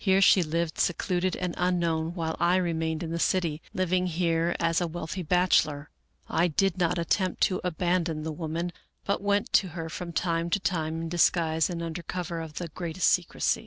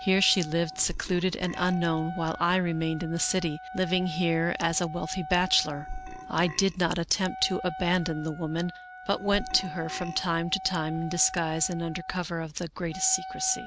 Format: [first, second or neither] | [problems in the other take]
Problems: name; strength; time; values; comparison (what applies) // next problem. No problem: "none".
first | background sound (Wind instrument, woodwind instrument + Burping, eructation); 12 dB below the speech